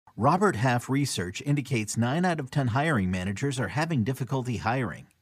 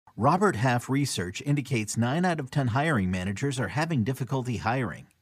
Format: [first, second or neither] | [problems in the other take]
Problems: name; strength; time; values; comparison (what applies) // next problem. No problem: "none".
neither | none